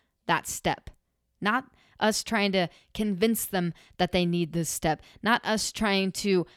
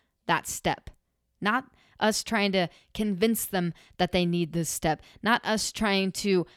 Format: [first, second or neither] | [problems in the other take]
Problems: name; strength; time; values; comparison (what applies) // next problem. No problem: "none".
neither | none